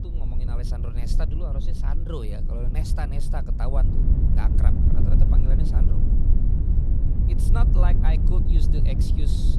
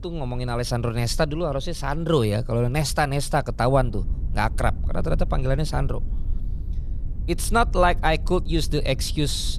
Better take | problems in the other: second | low rumble; loud; throughout; 1 dB below the speech; faint in the second

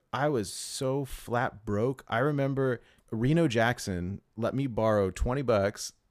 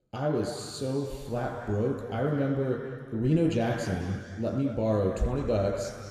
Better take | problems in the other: first | room echo; noticeable; dies away in 2.2 s // off-mic speech; somewhat distant

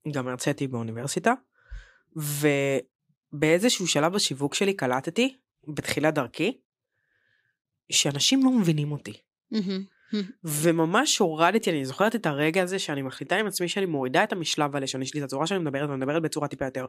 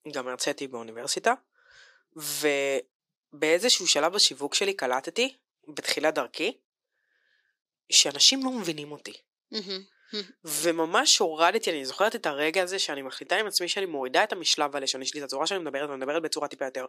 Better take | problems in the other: first | thin; somewhat; fading below 450 Hz

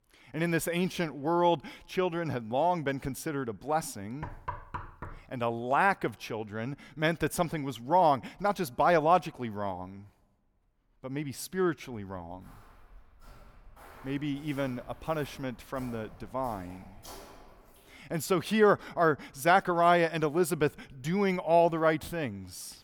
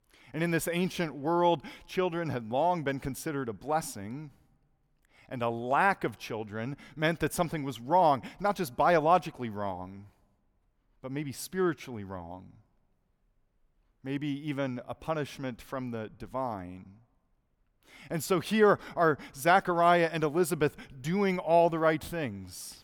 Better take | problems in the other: second | door banging; faint; at 4 s; peak 10 dB below the speech // footsteps; faint; from 12 to 18 s; peak 15 dB below the speech

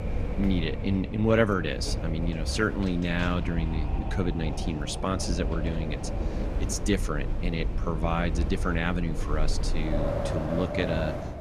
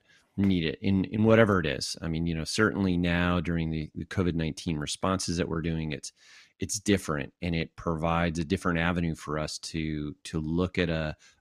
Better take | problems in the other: second | wind in the background; loud; throughout; 3 dB below the speech

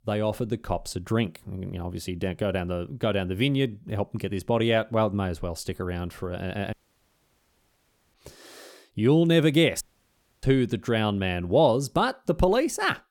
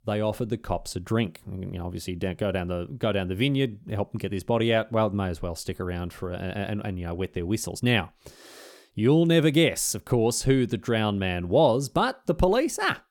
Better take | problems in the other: second | audio cutting out; at 6.5 s for 1.5 s and at 10 s for 0.5 s

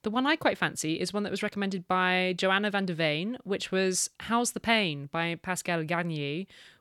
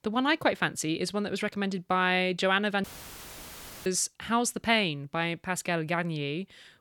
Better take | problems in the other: first | audio cutting out; filled with static; at 3 s for 1 s

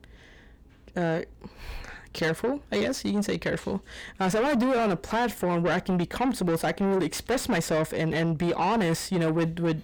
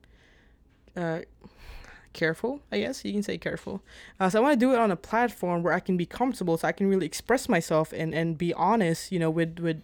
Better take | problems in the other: second | distortion; heavy; 6 dB below the speech

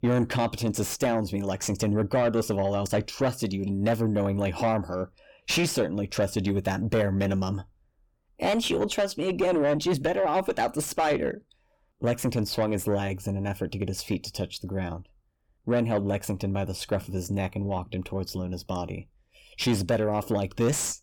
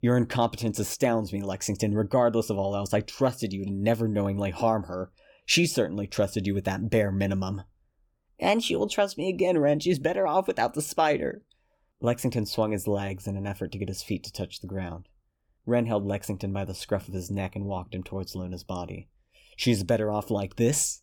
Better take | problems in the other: second | distortion; slight; 10 dB below the speech

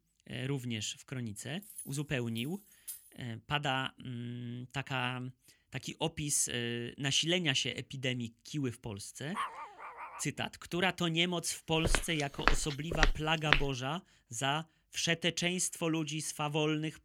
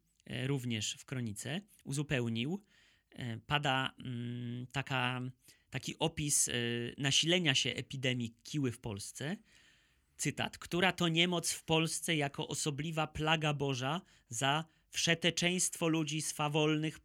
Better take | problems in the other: second | jangling keys; faint; from 1.5 to 3 s; peak 10 dB below the speech // dog barking; noticeable; at 9.5 s; peak 5 dB below the speech // footsteps; loud; from 12 to 14 s; peak 4 dB above the speech

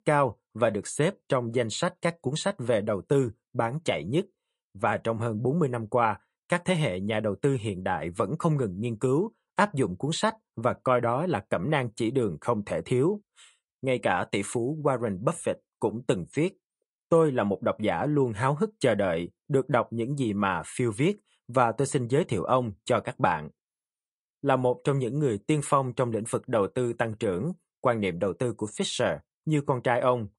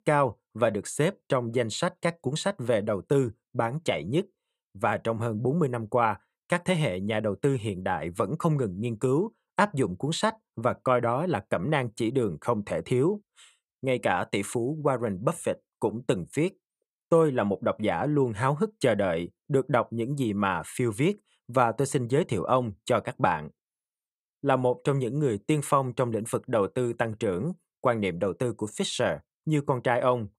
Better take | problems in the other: second | garbled, watery; slightly

